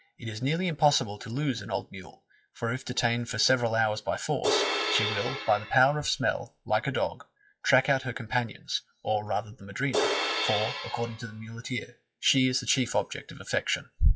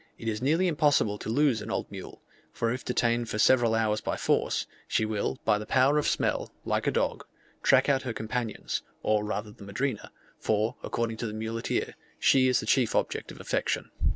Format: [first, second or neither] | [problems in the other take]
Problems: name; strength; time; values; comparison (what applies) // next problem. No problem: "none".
second | noise reduction (classical method WPE with log-MMSE)